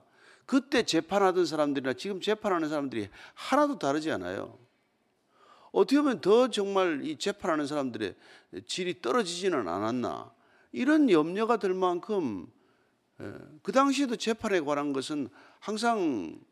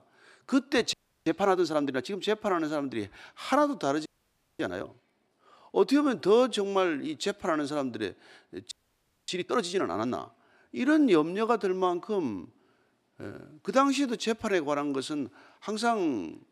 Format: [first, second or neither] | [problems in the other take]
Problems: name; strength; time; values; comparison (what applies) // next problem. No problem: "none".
first | audio freezing; at 1 s, at 4 s for 0.5 s and at 8.5 s for 0.5 s